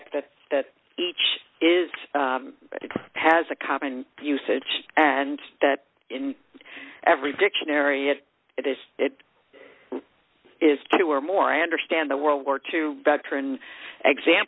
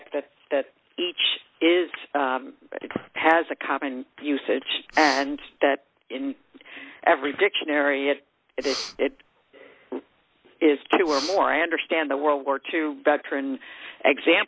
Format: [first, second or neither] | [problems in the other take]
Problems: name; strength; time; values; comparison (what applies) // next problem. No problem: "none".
first | background sound (Breathing); 12 dB below the speech